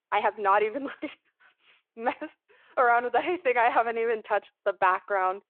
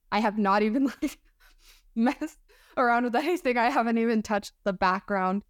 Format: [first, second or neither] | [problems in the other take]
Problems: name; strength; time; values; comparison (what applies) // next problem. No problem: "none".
second | phone-call audio